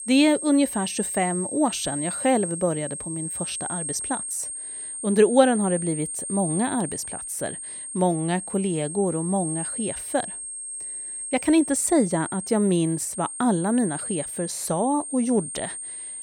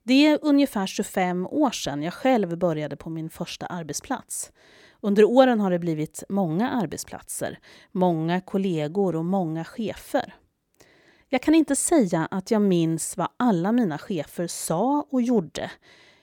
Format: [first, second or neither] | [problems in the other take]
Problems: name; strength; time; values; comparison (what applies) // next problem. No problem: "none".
second | high-pitched whine; loud; throughout; 8.5 kHz, 6 dB below the speech